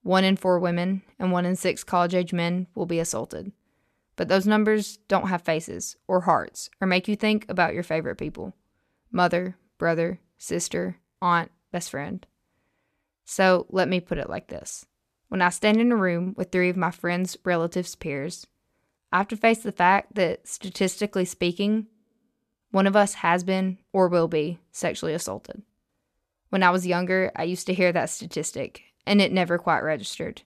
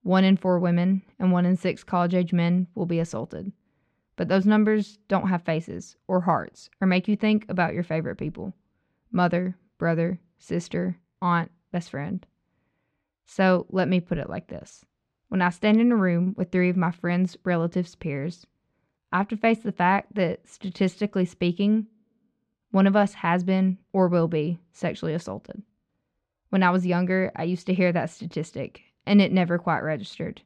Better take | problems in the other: first | muffled; slightly; fading above 4 kHz

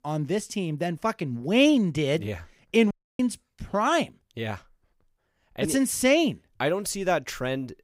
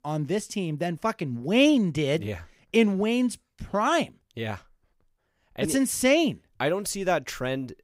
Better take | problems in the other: second | audio cutting out; at 3 s

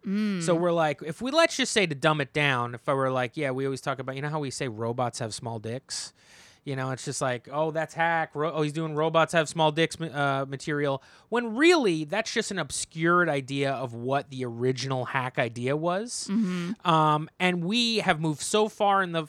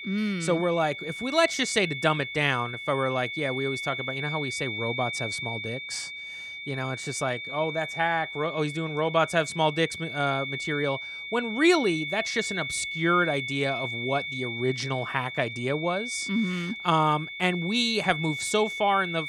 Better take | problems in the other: first | high-pitched whine; loud; throughout; 2 kHz, 6 dB below the speech

